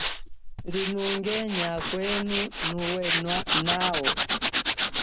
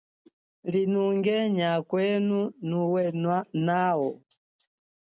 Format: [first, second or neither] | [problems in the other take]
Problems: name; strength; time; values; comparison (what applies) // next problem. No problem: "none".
second | background sound (Tools); 2 dB above the speech